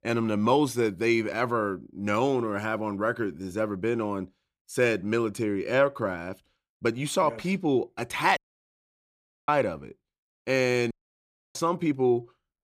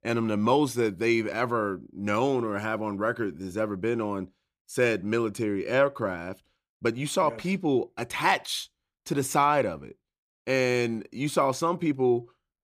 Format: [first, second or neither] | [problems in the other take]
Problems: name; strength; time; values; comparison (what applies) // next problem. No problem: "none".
second | audio cutting out; at 8.5 s for 1 s and at 11 s for 0.5 s